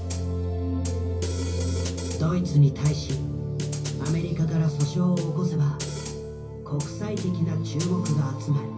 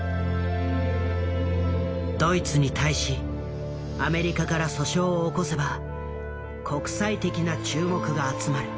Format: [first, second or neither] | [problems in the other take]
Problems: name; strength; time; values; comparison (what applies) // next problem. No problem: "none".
second | background sound (Snare drum); 16 dB below the speech // room echo; dies away in 0.5 s